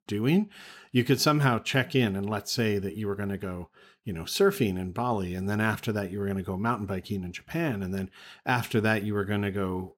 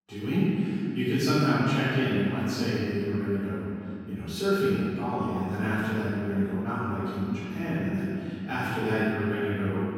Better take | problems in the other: first | off-mic speech; far // room echo; strong; dies away in 2.8 s

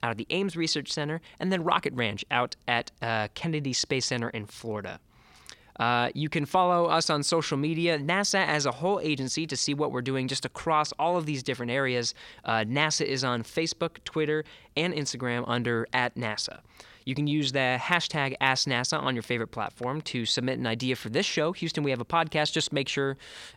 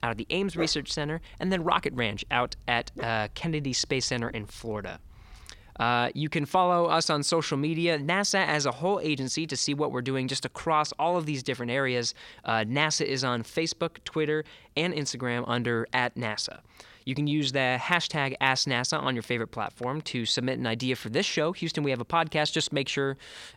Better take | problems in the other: first | dog barking; noticeable; until 6 s; peak 9 dB below the speech

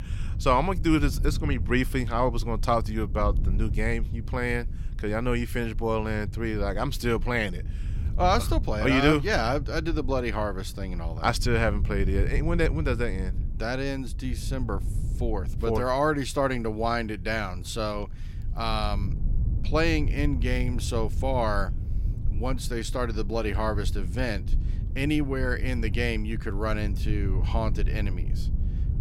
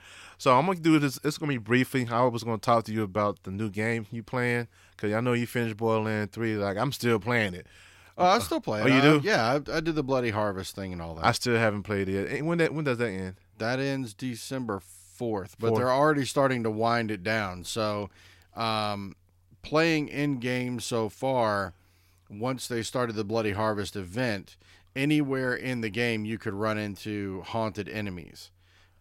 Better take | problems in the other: second | low rumble; noticeable; throughout; 20 dB below the speech

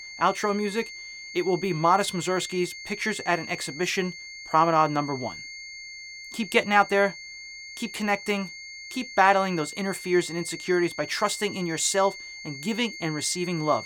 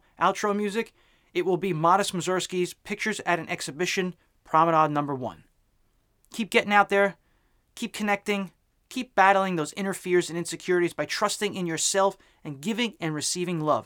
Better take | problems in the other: second | high-pitched whine; noticeable; throughout; 2 kHz, 10 dB below the speech

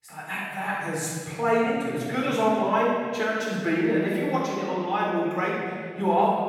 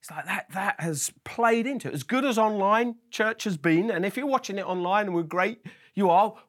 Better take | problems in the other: second | off-mic speech; far // room echo; strong; dies away in 2 s

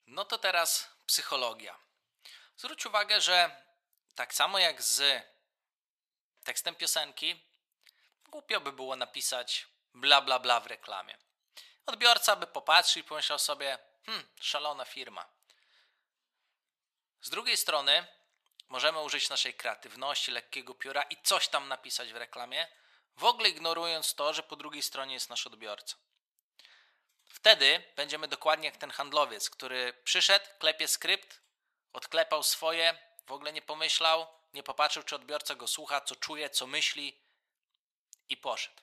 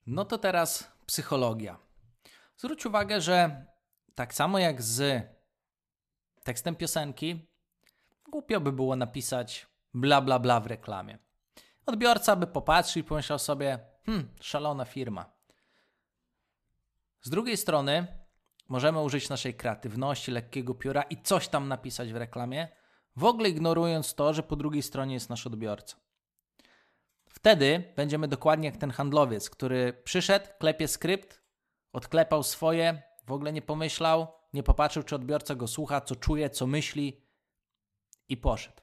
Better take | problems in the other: second | thin; very; fading below 850 Hz

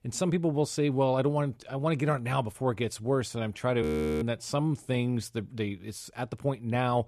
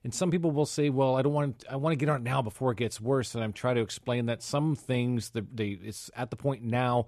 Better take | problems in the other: second | audio freezing; at 4 s

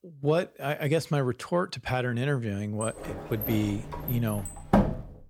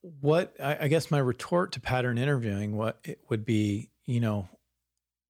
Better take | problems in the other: second | door banging; loud; from 3 s on; peak 5 dB above the speech

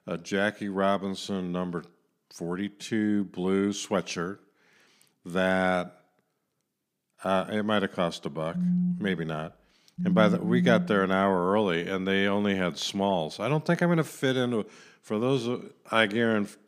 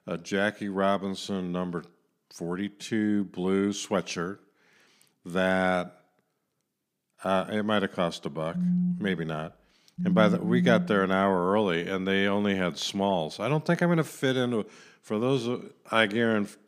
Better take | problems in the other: neither | phone ringing; loud; from 8.5 to 11 s; peak 1 dB above the speech; the same in both

